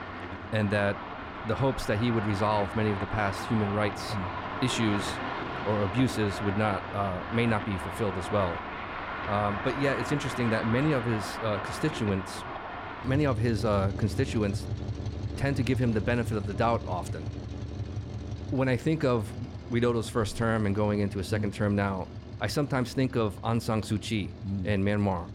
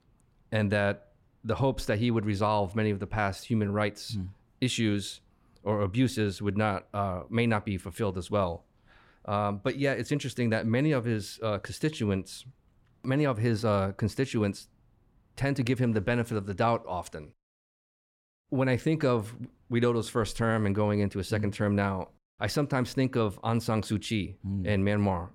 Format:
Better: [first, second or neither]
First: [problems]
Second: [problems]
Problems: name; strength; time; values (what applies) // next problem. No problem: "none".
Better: second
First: traffic noise; loud; throughout; 7 dB below the speech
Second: none